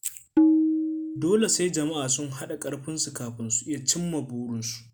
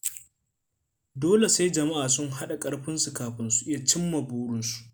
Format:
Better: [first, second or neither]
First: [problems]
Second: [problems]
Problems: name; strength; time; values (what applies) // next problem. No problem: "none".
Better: second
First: background sound (Tabla); 2 dB above the speech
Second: none